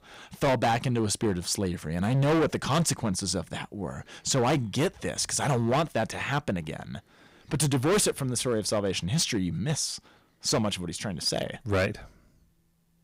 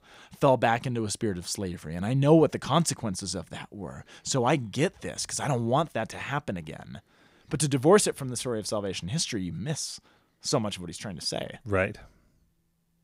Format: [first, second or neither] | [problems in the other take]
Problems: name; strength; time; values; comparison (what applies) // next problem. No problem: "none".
second | distortion; heavy; 9% of the sound clipped